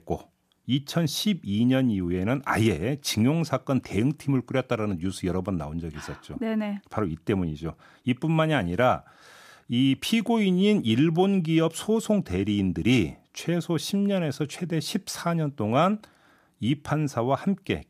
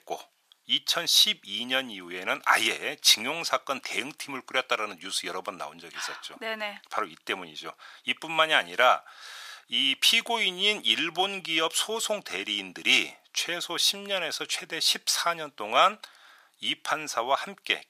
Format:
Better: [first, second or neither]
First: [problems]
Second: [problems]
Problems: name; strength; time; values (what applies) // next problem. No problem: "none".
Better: first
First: none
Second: thin; very; fading below 950 Hz